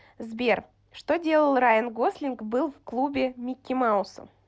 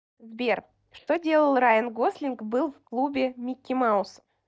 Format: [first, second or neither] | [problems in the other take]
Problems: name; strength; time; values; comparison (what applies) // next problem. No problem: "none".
first | noise reduction (neural mask model DeepFilterNet 3)